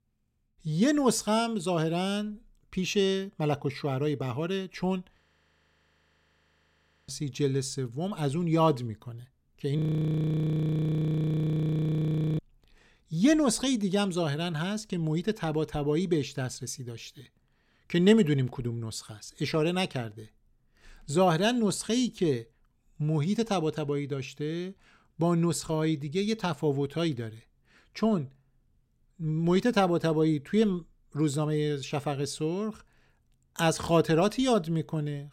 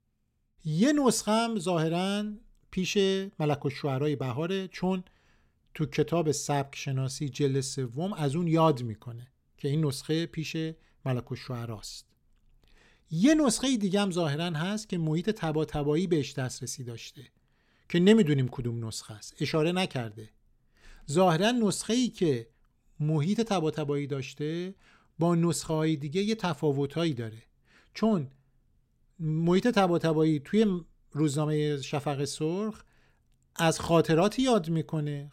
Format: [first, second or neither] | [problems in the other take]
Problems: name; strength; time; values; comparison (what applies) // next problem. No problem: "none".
second | audio freezing; at 5 s for 2 s and at 10 s for 2.5 s